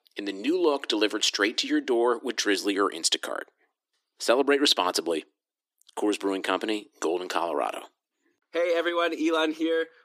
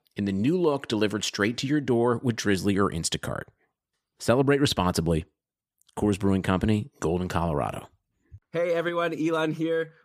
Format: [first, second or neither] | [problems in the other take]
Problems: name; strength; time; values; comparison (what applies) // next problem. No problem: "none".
second | thin; somewhat; fading below 300 Hz